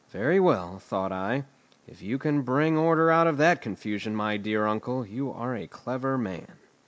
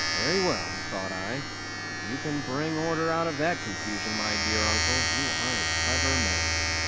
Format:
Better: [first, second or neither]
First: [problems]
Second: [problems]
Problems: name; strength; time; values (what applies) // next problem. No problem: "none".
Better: first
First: none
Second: background sound (Domestic sounds, home sounds); 3 dB above the speech